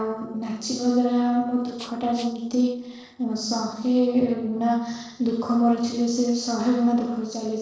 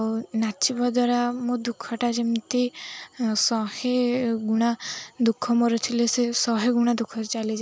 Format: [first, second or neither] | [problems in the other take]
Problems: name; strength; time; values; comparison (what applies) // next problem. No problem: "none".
second | noise reduction (neural separator model SepFormer DNS4)